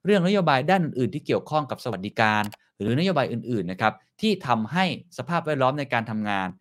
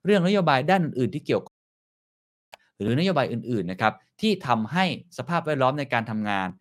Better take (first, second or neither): first